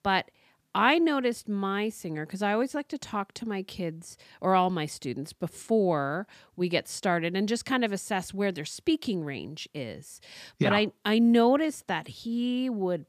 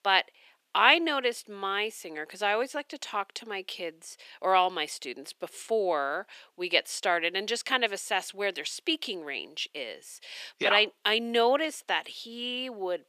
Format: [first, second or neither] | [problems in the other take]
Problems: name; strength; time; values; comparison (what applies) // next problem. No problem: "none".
first | thin; very; fading below 400 Hz